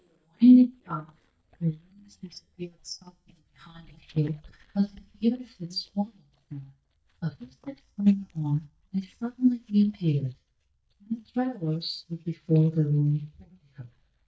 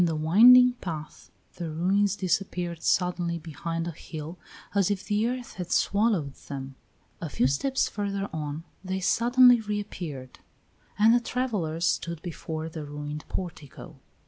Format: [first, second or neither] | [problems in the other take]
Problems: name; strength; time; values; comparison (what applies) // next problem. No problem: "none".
second | noise reduction (neural mask model DeepFilterNet 3)